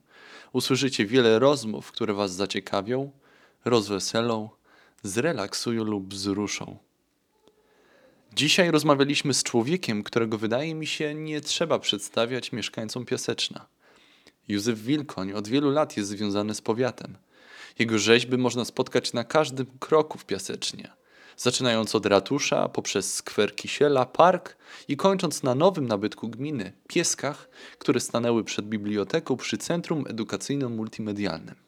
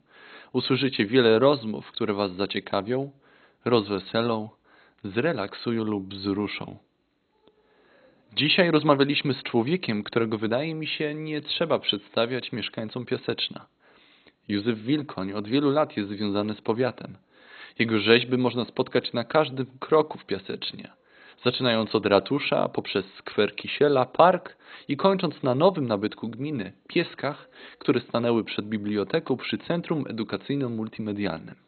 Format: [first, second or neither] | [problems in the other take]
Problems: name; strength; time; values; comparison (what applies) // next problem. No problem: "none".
first | garbled, watery; badly; nothing above 4 kHz